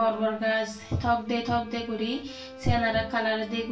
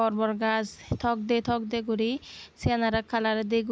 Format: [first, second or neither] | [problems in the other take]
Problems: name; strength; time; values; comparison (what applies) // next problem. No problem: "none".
second | background sound (Bowed string instrument); 18 dB below the speech // room echo; dies away in 0.3 s